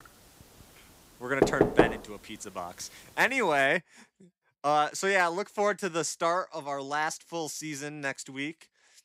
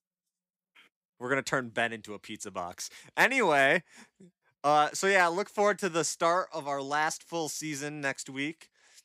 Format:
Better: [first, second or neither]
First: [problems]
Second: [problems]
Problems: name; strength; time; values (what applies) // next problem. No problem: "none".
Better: second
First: door banging; loud; at 1.5 s; peak 5 dB above the speech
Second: none